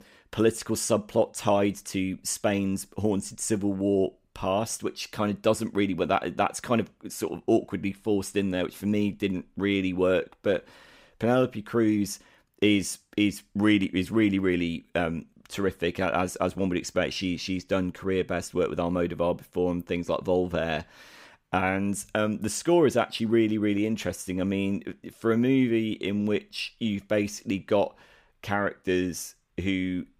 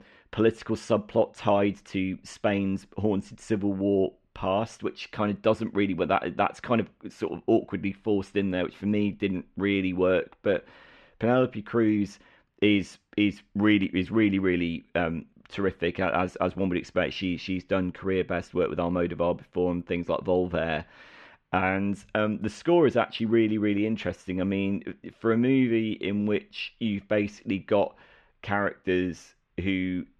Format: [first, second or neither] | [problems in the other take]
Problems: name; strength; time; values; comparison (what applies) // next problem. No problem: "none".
first | muffled; slightly; fading above 2.5 kHz